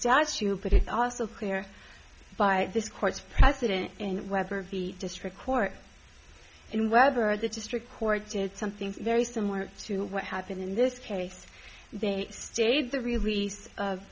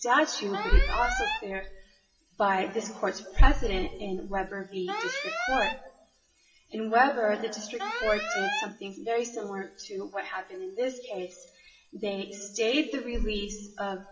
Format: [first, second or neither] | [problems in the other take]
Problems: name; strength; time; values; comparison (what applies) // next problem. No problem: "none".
first | noise reduction (classical method WPE with log-MMSE)